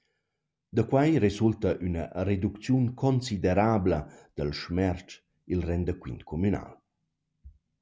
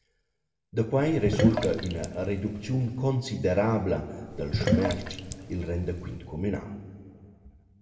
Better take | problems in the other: first | background sound (Sink (filling or washing)); 2 dB below the speech // room echo; dies away in 1.5 s

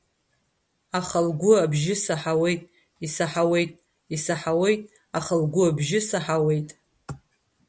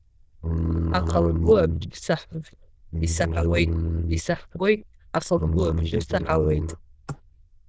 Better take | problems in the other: first | noise reduction (neural diffusion model UNIVERSE++)

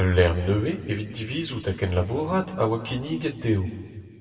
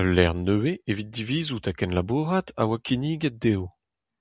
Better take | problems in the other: second | room echo; dies away in 1.7 s

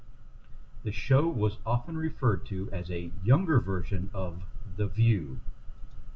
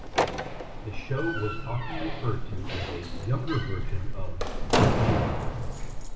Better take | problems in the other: first | background sound (Slam); 2 dB below the speech // room echo; dies away in 2 s

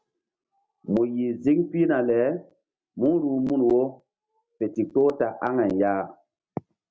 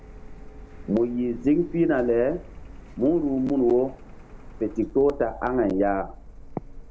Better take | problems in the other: first | background sound (Printer); 16 dB below the speech

